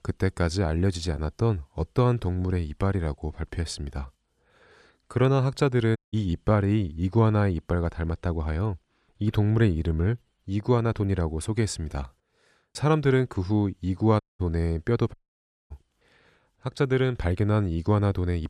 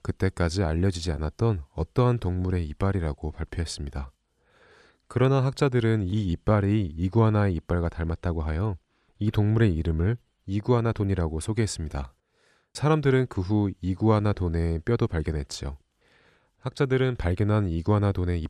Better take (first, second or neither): second